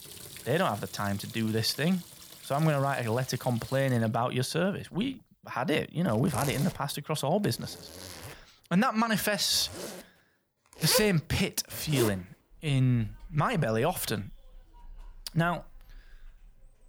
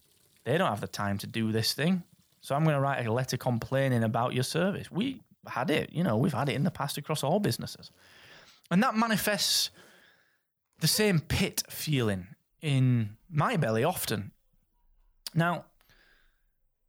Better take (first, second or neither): second